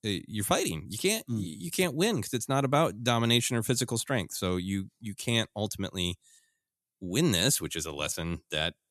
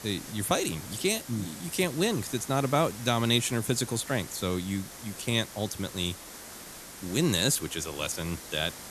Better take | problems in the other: first | hiss; noticeable; throughout; 15 dB below the speech

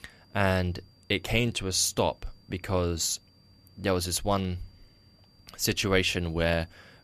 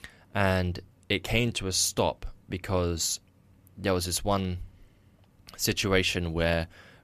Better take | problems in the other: second | high-pitched whine; faint; throughout; 4.5 kHz, 35 dB below the speech

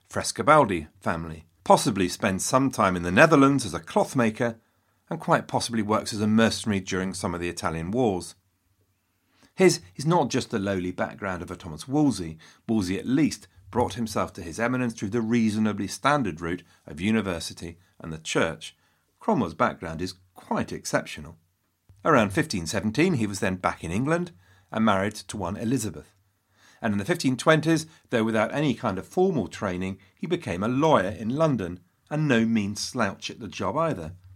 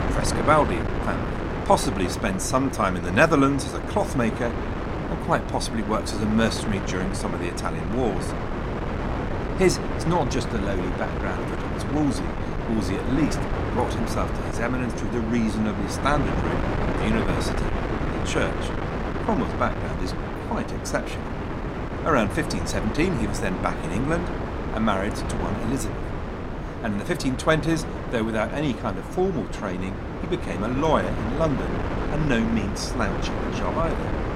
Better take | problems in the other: first | wind noise on the microphone; heavy; 5 dB below the speech

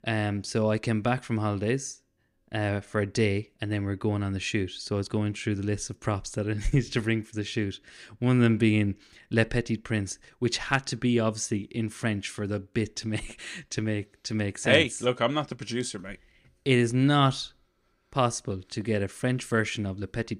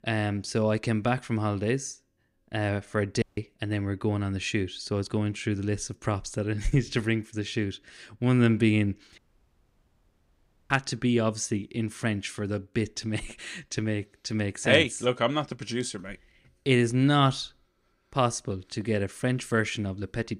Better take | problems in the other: first | audio cutting out; at 3 s and at 9 s for 1.5 s

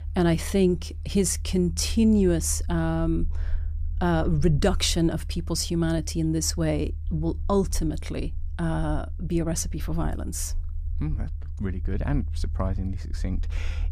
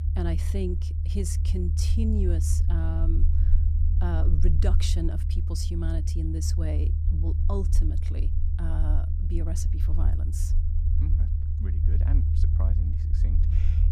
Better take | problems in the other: first | low rumble; loud; throughout; 4 dB below the speech; faint in the first

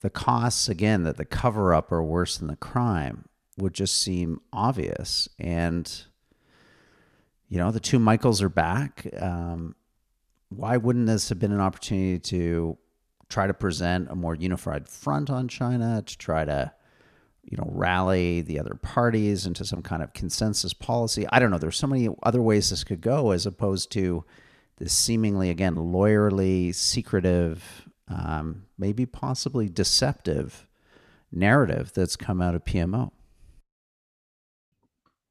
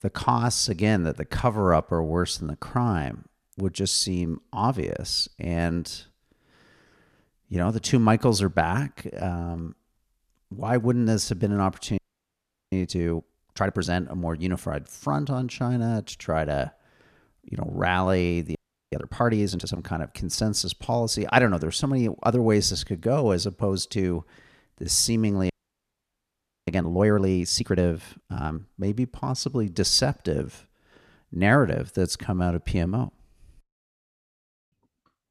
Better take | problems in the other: first | audio freezing; at 12 s for 0.5 s, at 19 s and at 26 s for 1 s

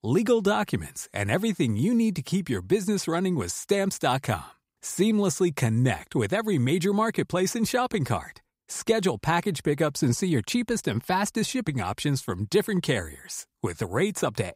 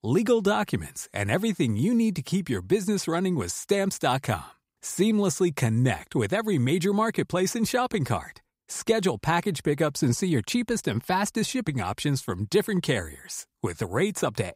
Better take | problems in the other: neither | none

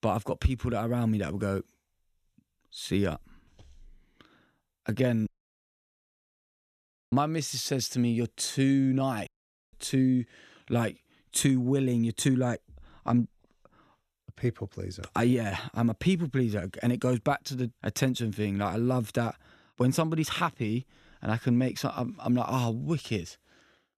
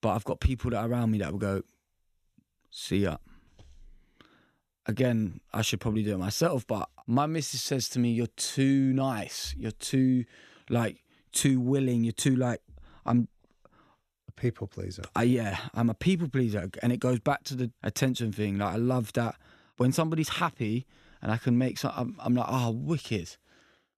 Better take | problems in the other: second | audio cutting out; at 5.5 s for 2 s and at 9.5 s

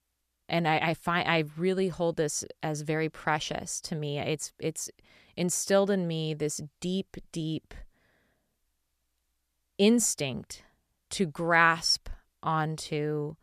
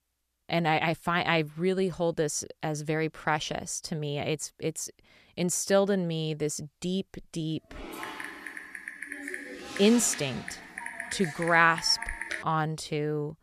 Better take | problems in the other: first | keyboard typing; noticeable; from 7.5 to 12 s; peak 6 dB below the speech

